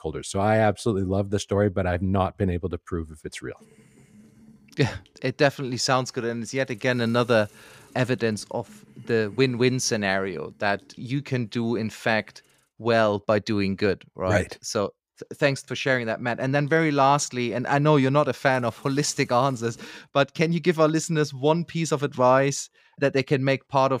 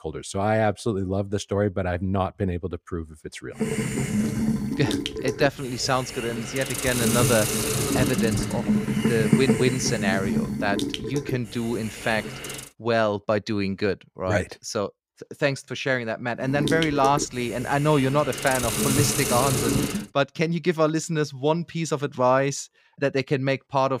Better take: first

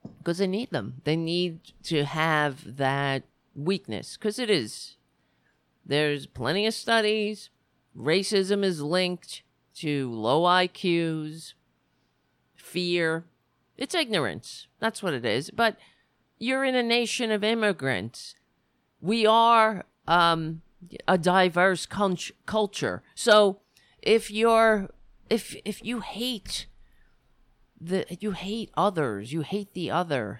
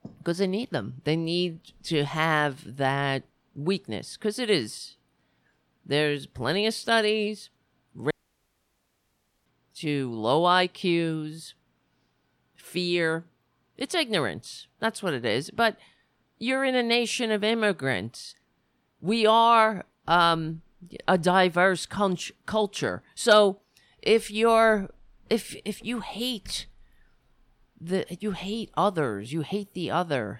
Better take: first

